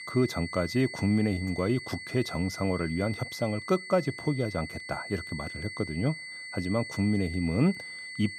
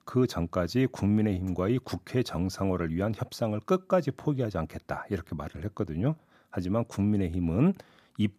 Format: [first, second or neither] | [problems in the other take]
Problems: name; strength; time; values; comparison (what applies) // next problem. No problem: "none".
second | high-pitched whine; loud; throughout; 2 kHz, 9 dB below the speech